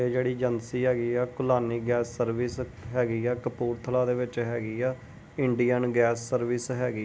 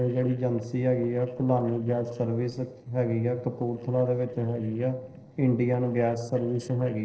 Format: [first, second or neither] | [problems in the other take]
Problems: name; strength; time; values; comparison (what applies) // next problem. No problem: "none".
first | noise reduction (neural separator model SepFormer DNS4)